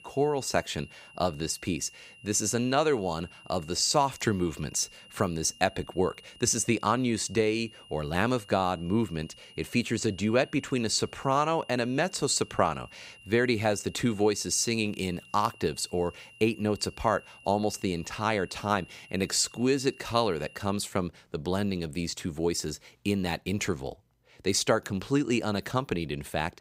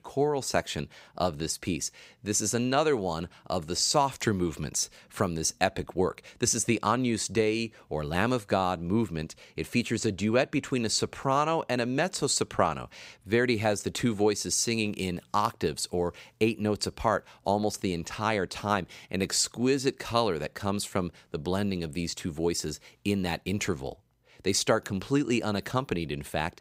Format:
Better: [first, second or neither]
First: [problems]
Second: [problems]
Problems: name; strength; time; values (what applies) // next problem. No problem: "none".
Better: second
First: high-pitched whine; faint; until 21 s; 3 kHz, 20 dB below the speech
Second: none